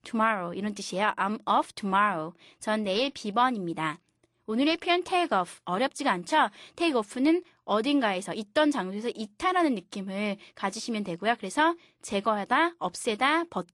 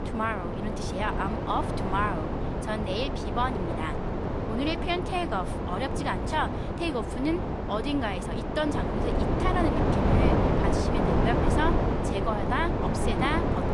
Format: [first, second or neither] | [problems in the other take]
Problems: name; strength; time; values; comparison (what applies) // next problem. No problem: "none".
first | wind noise on the microphone; heavy; 1 dB below the speech